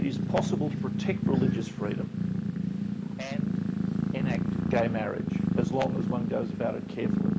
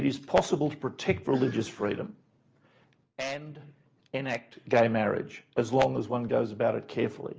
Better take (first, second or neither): second